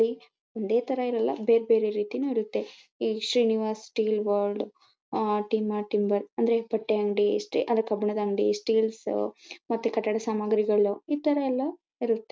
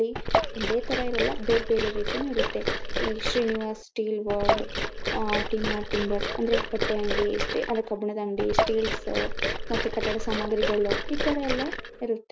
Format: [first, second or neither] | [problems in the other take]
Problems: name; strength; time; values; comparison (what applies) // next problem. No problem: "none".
first | background sound (Liquid); as loud as the speech